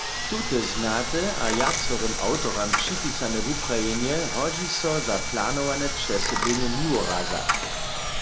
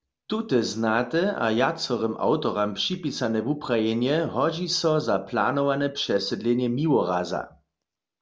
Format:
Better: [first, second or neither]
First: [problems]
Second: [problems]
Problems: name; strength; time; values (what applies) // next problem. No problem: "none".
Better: second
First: background sound (Coin (dropping) + Sawing); 1 dB above the speech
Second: none